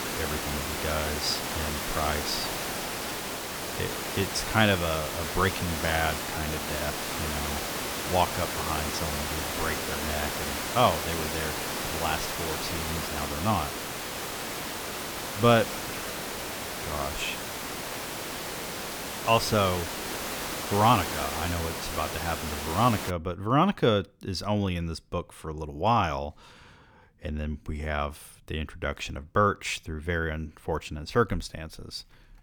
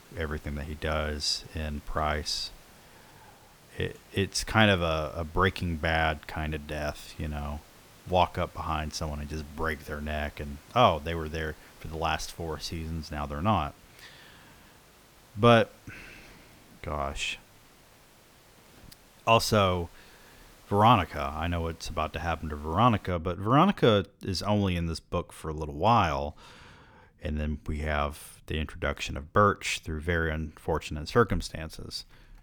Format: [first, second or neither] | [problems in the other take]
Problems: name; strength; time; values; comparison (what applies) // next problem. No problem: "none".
second | hiss; loud; until 23 s; 2 dB below the speech; faint in the second